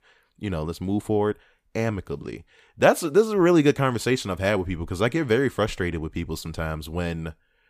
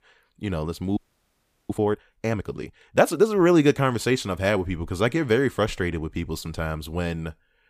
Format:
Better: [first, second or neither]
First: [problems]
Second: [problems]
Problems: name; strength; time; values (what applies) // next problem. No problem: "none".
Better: first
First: none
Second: audio freezing; at 1 s for 0.5 s